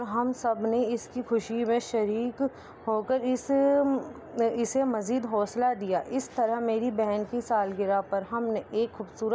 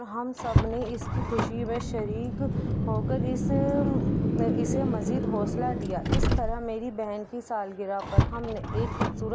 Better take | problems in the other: first | background sound (Car); 4 dB above the speech

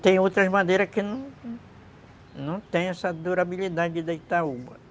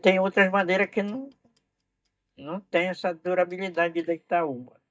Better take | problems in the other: first | noise reduction (neural mask model DeepFilterNet 3)

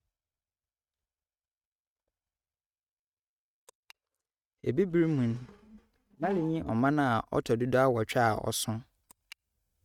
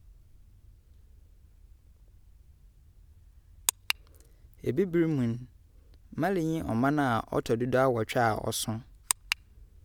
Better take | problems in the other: second | noise reduction (neural mask model RNNoise)

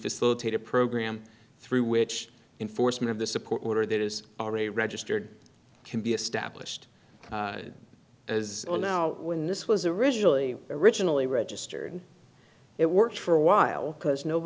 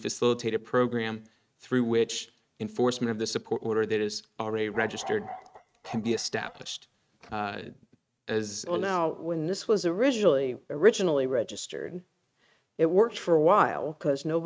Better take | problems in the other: first | noise reduction (neural mask model RNNoise)

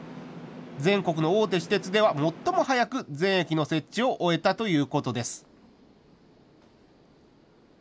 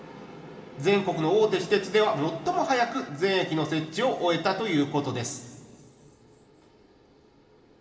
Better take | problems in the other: first | room echo; dies away in 2.5 s

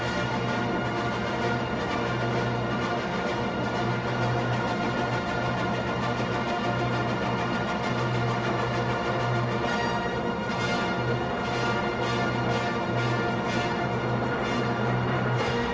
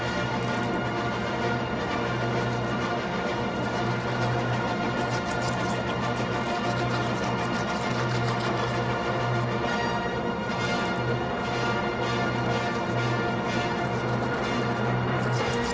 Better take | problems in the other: first | background sound (Domestic sounds, home sounds); 20 dB below the speech

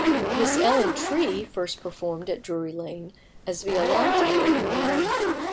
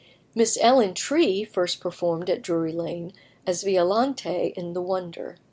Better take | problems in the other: second | background sound (Zipper (clothing)); 2 dB above the speech

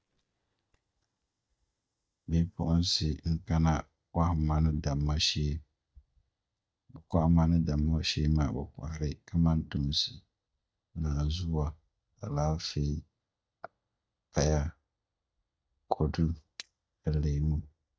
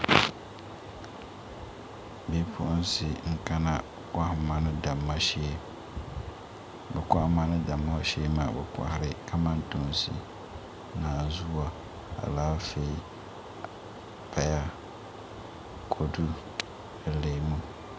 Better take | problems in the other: second | noise reduction (neural mask model DeepFilterNet 3)

